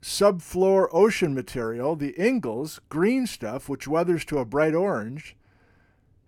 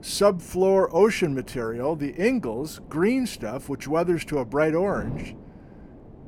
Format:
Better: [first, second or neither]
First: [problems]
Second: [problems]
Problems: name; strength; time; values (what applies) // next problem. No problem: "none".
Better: first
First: none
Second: wind noise on the microphone; occasional gusts; 25 dB below the speech